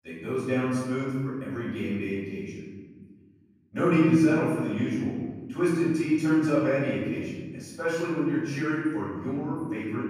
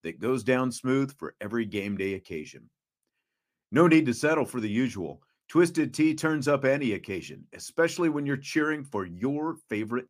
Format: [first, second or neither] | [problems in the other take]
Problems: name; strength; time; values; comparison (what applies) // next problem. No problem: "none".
second | room echo; strong; dies away in 1.9 s // off-mic speech; far